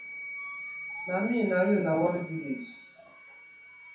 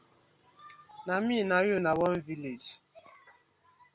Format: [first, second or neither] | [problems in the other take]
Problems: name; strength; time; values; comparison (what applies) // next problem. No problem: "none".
second | background sound (Wind instrument, woodwind instrument); 11 dB below the speech // room echo; dies away in 0.7 s